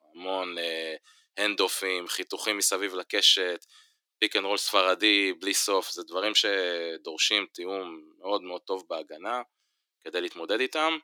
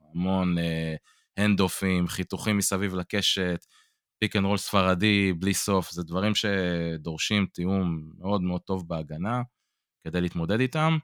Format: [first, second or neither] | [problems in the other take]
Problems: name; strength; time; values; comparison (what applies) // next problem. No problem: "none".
second | thin; very; fading below 300 Hz